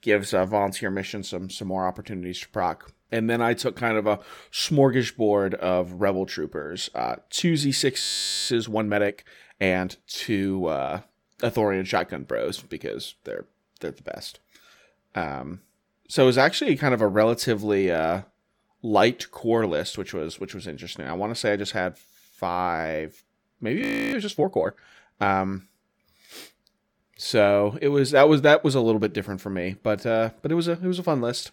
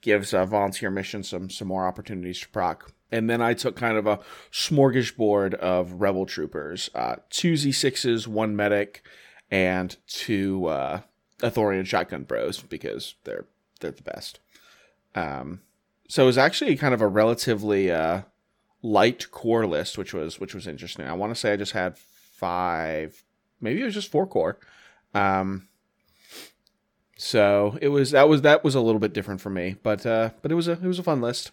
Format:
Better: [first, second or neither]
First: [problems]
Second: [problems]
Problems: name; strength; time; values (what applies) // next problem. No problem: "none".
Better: second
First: audio freezing; at 8 s and at 24 s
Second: none